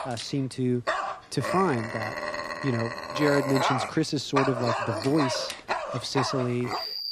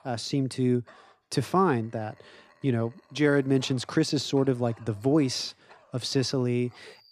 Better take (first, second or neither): second